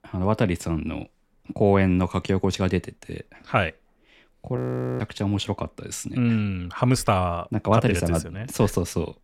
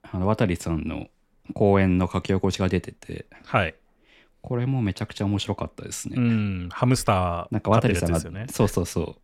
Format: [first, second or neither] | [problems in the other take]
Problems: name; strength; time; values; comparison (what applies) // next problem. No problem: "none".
second | audio freezing; at 4.5 s